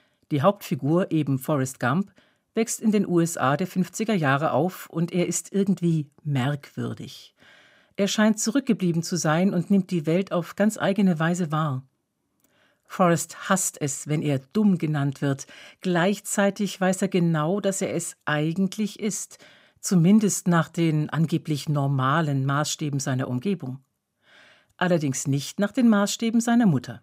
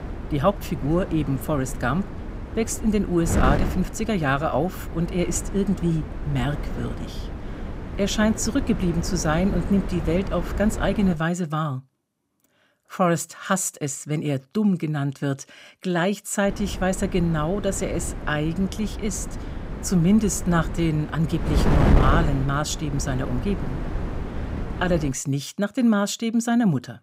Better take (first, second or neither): first